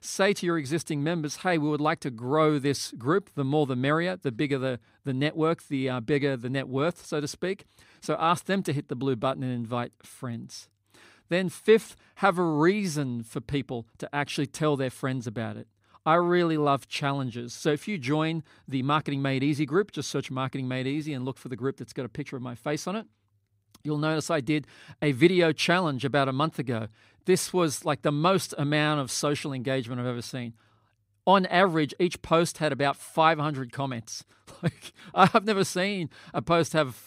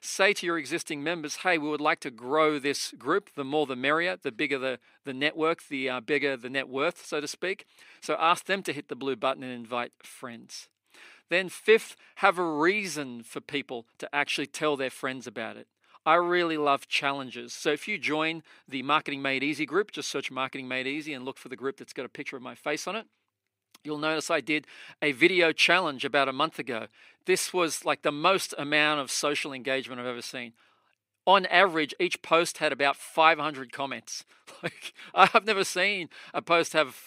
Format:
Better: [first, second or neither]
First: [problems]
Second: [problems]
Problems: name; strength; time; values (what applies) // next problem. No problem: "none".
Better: first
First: none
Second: thin; somewhat; fading below 350 Hz